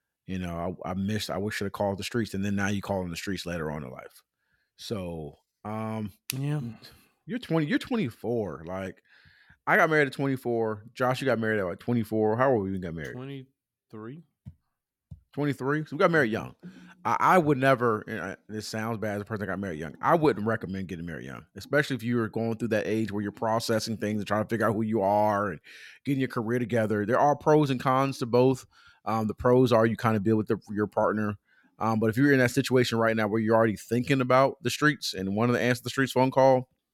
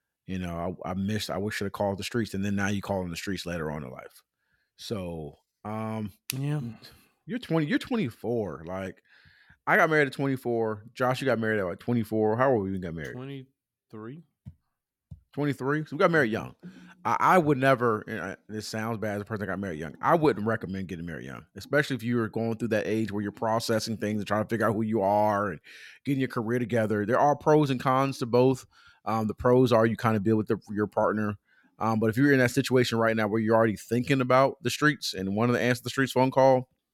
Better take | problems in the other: neither | none

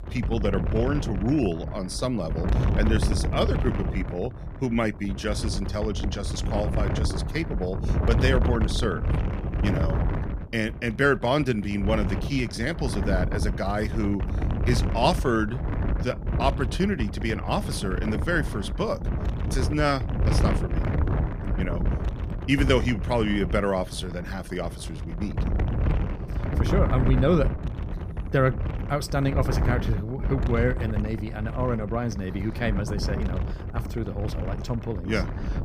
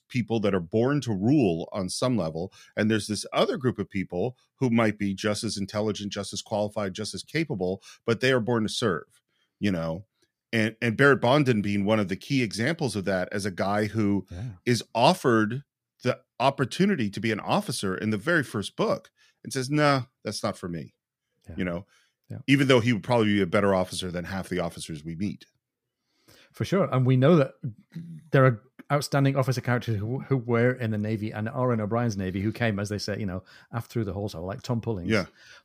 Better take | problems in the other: second | wind noise on the microphone; heavy; 8 dB below the speech

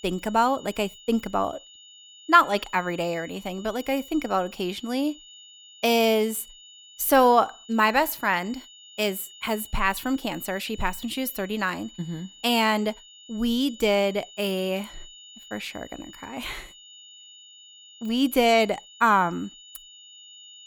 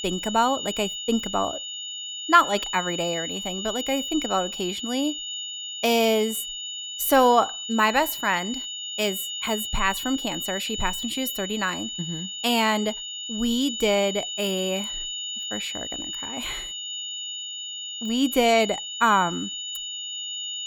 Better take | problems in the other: first | high-pitched whine; loud; throughout; 3 kHz, 6 dB below the speech; faint in the first

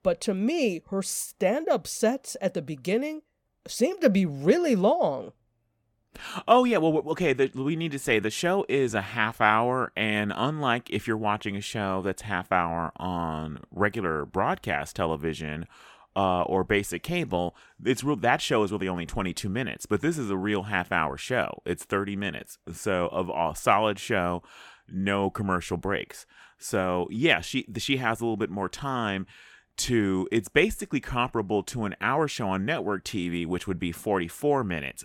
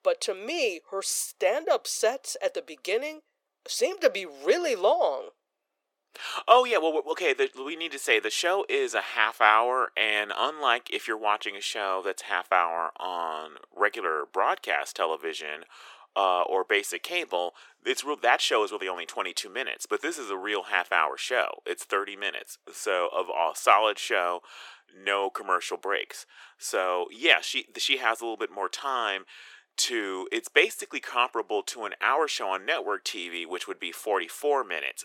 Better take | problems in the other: first | thin; very; fading below 400 Hz

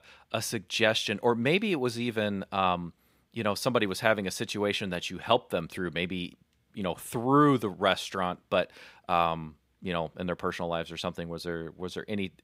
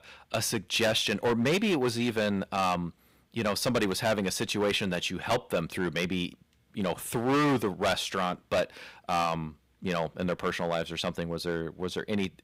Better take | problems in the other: first | distortion; heavy; 8% of the sound clipped

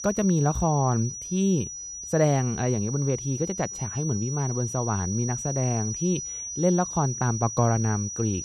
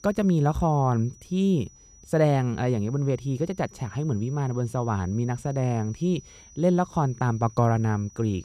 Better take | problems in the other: second | high-pitched whine; loud; throughout; 6 kHz, 7 dB below the speech; faint in the second

